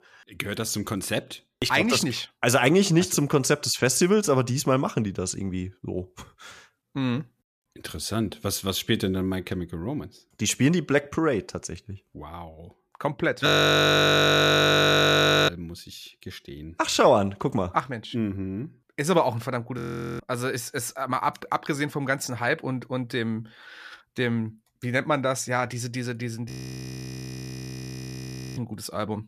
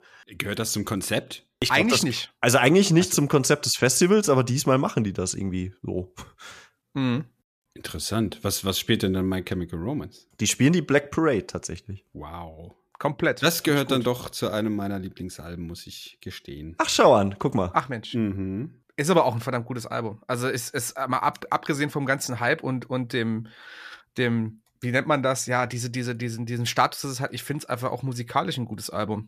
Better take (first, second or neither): second